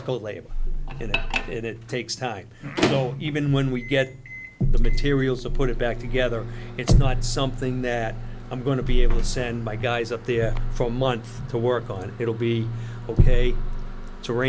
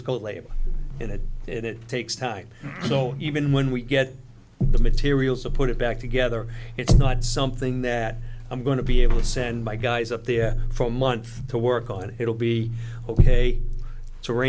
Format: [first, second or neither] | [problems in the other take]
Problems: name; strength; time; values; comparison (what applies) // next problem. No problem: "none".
second | background sound (Microwave oven); 15 dB below the speech